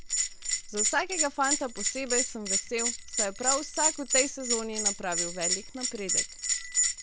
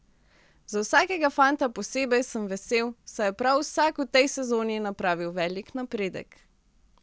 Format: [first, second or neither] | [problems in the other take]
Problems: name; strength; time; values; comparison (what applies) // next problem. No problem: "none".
second | background sound (Bell); 4 dB above the speech